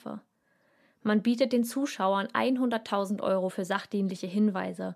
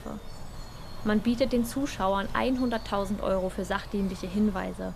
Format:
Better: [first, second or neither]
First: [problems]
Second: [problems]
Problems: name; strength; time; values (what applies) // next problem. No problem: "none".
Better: first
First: none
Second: animal sounds; noticeable; throughout; 15 dB below the speech